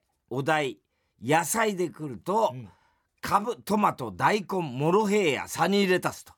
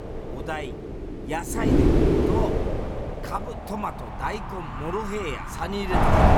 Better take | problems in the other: first | wind noise on the microphone; heavy; 3 dB above the speech

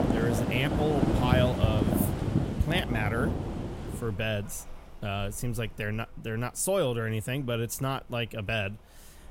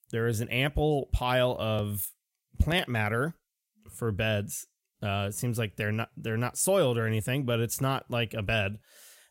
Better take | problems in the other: second | rain or running water; very loud; throughout; 2 dB above the speech

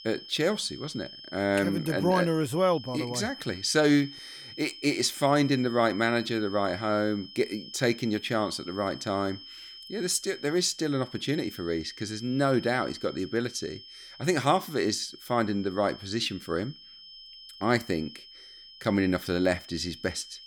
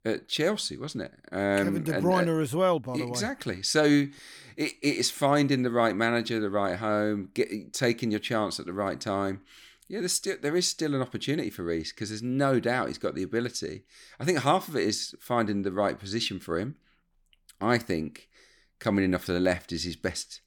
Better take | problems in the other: second | high-pitched whine; noticeable; throughout; 3 kHz, 15 dB below the speech

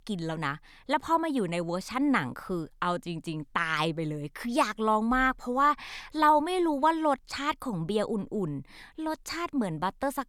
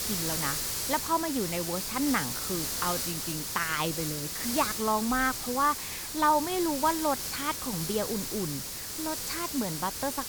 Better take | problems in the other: first | hiss; loud; throughout; 1 dB below the speech

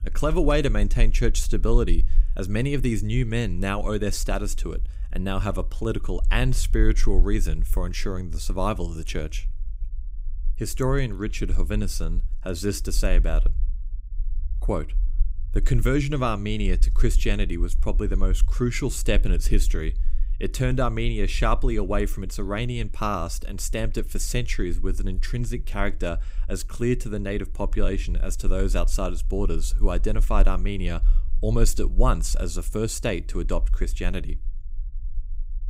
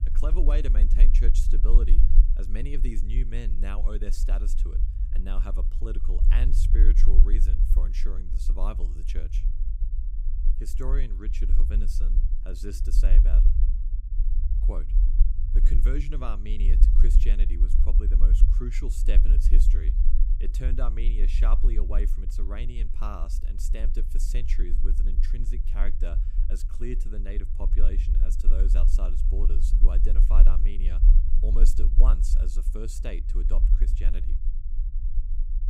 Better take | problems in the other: first | low rumble; loud; throughout; 7 dB below the speech; faint in the first

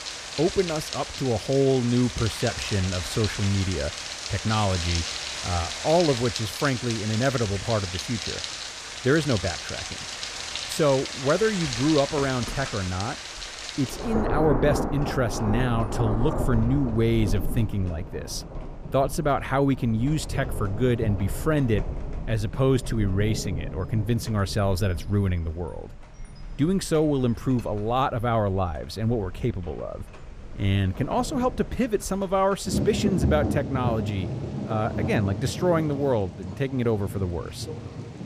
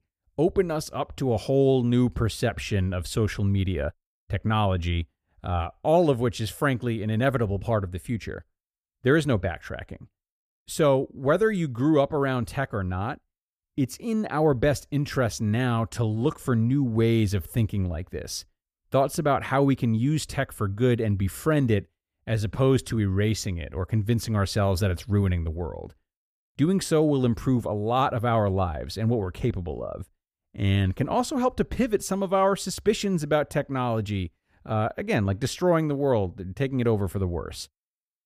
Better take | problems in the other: second | rain or running water; loud; throughout; 6 dB below the speech

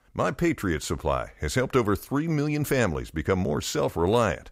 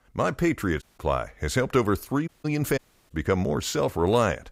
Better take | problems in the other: first | audio cutting out; at 1 s, at 2.5 s and at 3 s

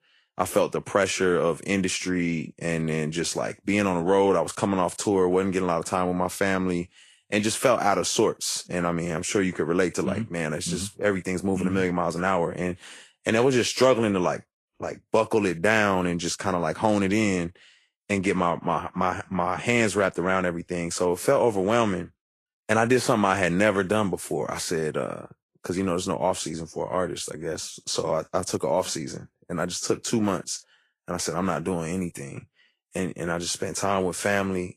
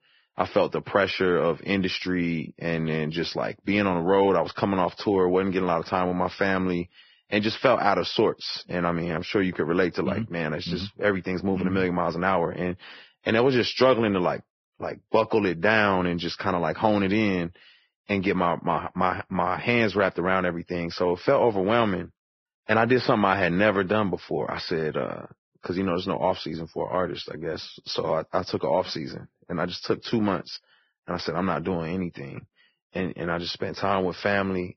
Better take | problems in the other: first | garbled, watery; badly; nothing above 5.5 kHz; slightly in the first

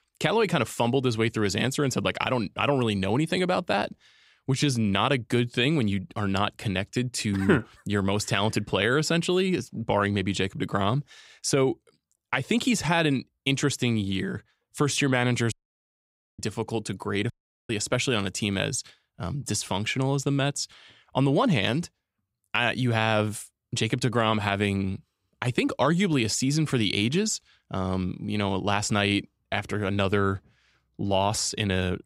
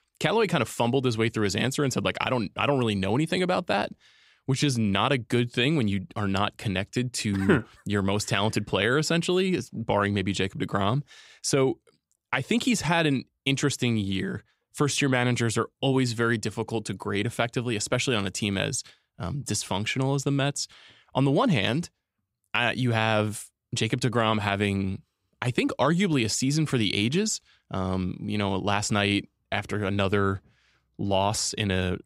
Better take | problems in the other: second | audio cutting out; at 16 s for 1 s and at 17 s

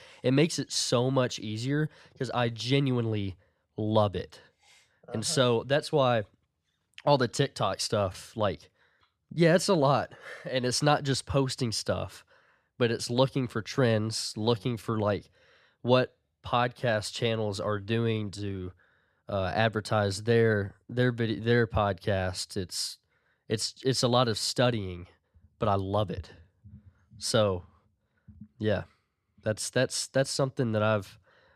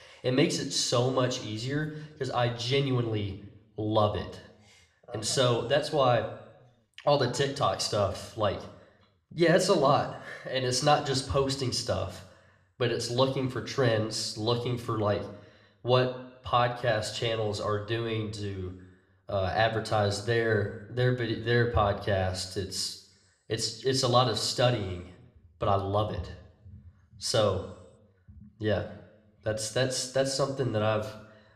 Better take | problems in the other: first | room echo; very slight; dies away in 0.6 s

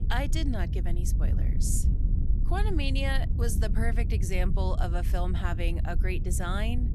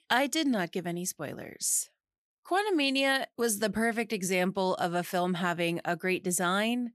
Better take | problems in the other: second | wind noise on the microphone; heavy; 10 dB below the speech

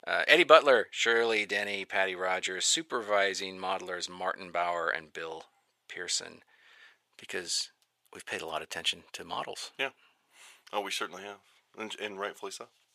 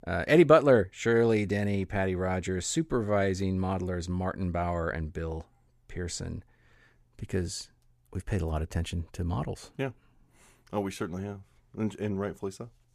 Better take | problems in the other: second | thin; very; fading below 700 Hz

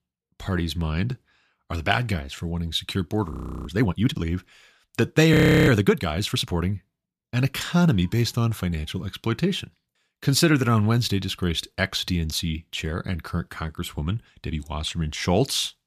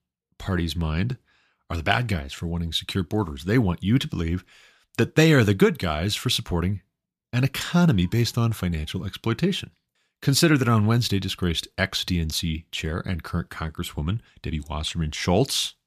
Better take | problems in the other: second | audio freezing; at 3.5 s and at 5.5 s

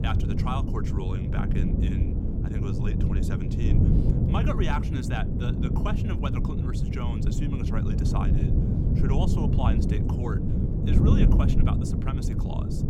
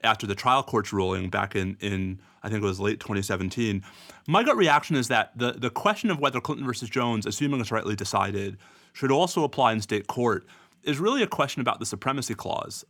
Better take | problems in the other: second | wind noise on the microphone; heavy; 1 dB above the speech

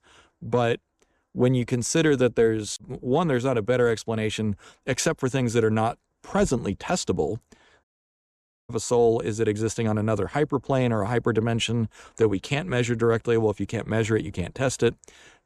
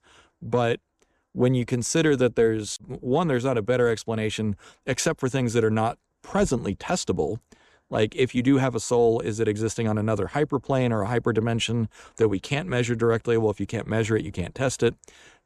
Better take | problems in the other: second | audio cutting out; at 8 s for 1 s

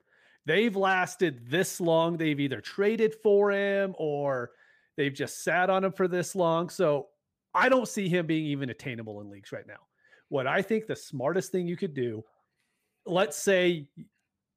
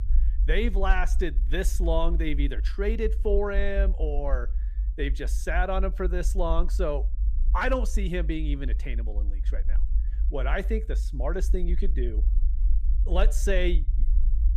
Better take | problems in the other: first | low rumble; faint; throughout; 20 dB below the speech

